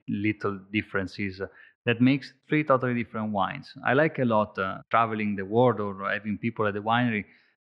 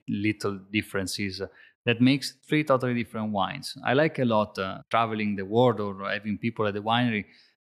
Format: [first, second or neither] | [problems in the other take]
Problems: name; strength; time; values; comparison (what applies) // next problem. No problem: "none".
second | muffled; slightly; fading above 2 kHz